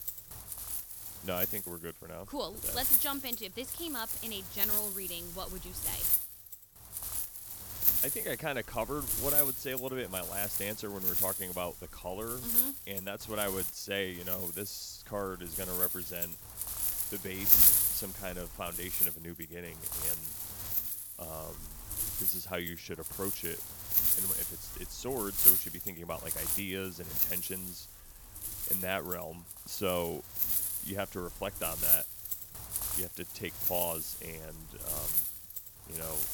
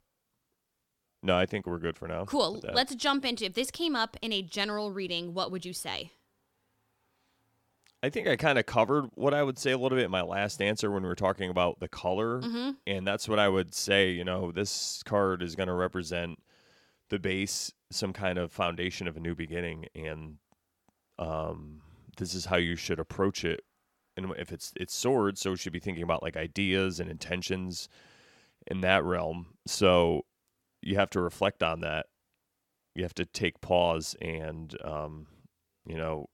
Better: second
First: wind noise on the microphone; heavy; 1 dB above the speech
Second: none

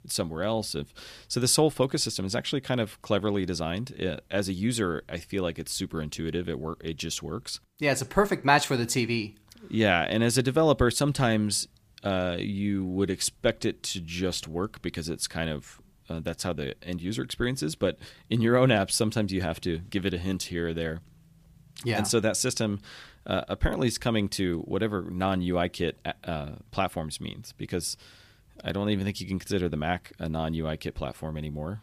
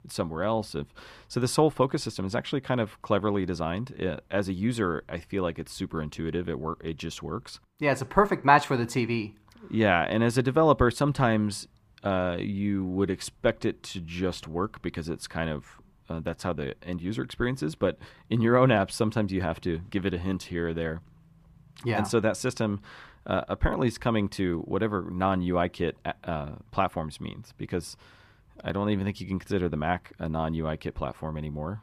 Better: first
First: none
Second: muffled; slightly; fading above 3 kHz

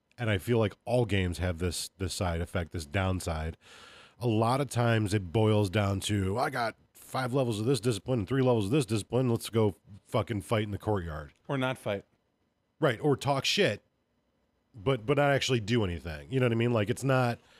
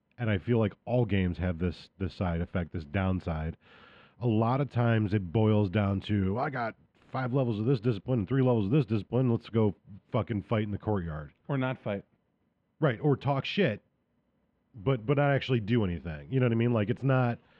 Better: first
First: none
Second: muffled; slightly; fading above 3 kHz

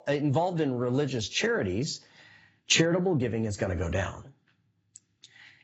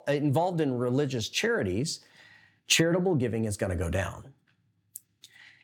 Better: second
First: garbled, watery; badly; nothing above 7.5 kHz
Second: none

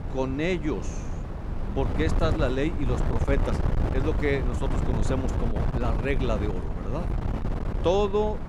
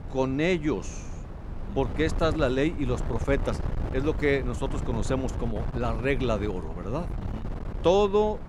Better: second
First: wind noise on the microphone; heavy; 6 dB below the speech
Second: wind noise on the microphone; occasional gusts; 15 dB below the speech

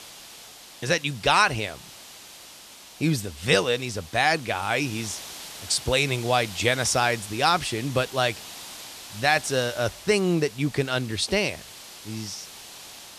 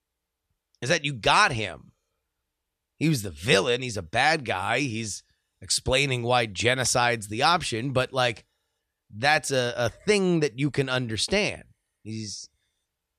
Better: second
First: hiss; noticeable; throughout; 15 dB below the speech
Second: none

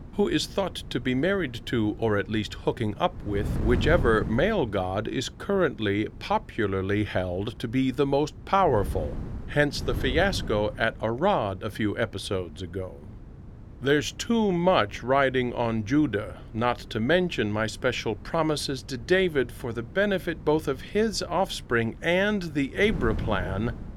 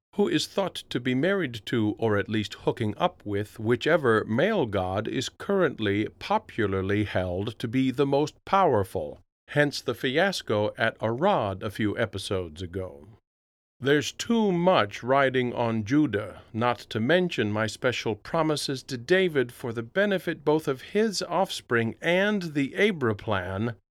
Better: second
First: wind noise on the microphone; occasional gusts; 20 dB below the speech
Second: none

